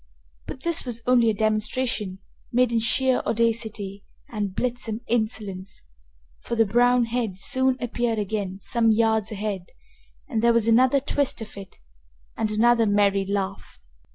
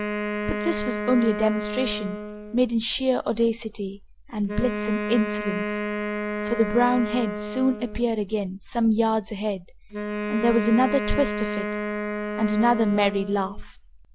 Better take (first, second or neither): first